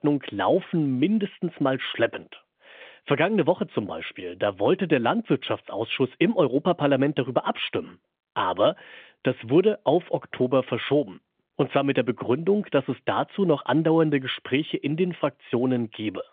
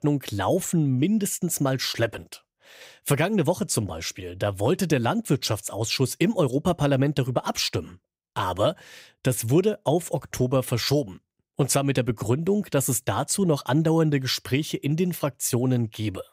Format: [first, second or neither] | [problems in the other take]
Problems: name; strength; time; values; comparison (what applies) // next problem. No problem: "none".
second | phone-call audio; nothing above 3.5 kHz